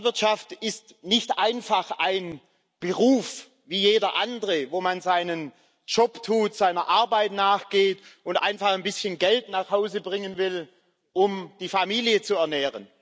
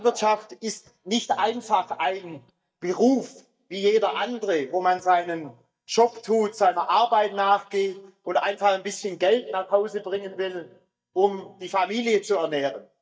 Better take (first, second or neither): first